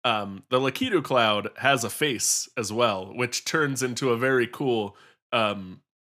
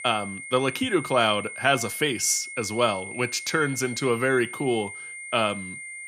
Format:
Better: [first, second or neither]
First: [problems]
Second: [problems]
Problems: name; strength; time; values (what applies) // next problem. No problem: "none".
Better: first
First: none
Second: high-pitched whine; noticeable; throughout; 2 kHz, 10 dB below the speech